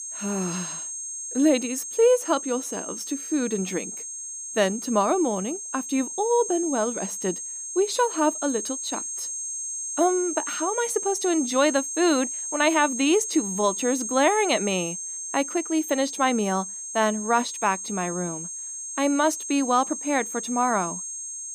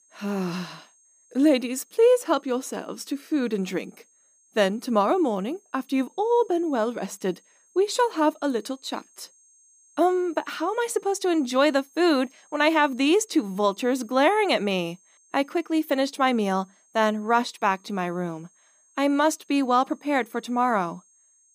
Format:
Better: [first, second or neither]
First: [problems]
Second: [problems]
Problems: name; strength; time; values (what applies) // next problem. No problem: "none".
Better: second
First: high-pitched whine; loud; throughout; 6.5 kHz, 6 dB below the speech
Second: high-pitched whine; faint; throughout; 6.5 kHz, 30 dB below the speech